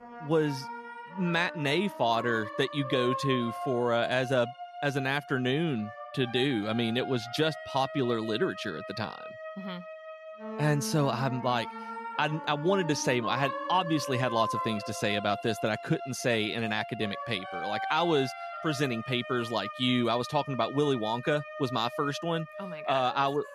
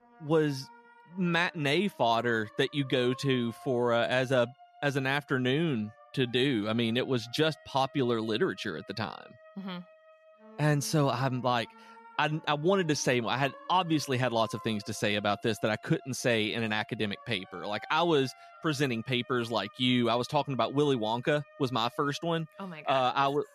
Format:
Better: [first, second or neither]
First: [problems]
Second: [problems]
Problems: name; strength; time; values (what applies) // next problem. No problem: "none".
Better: second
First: background music; loud; throughout; 10 dB below the speech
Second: background music; faint; throughout; 25 dB below the speech